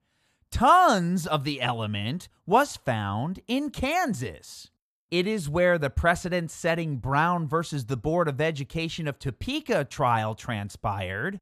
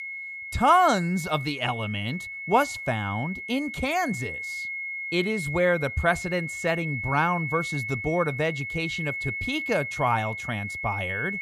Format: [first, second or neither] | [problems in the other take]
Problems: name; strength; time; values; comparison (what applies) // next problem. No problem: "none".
first | high-pitched whine; loud; throughout; 2 kHz, 6 dB below the speech